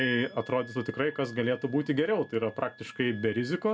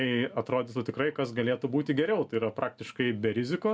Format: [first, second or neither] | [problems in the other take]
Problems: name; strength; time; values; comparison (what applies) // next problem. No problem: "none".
second | background sound (Wind instrument, woodwind instrument); 14 dB below the speech